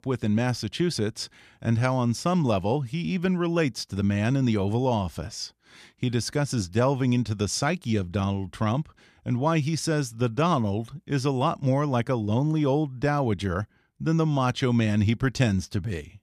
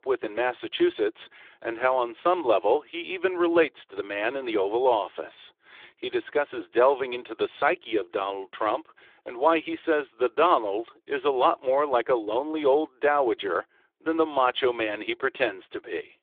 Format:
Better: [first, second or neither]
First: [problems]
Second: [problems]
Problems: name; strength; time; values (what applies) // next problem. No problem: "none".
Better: first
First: none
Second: phone-call audio